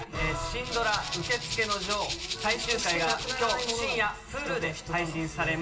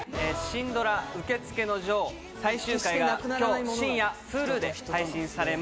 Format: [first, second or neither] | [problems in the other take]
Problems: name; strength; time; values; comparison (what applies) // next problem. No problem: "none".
second | background sound (Rattle (instrument)); 5 dB below the speech // room echo; dies away in 0.2 s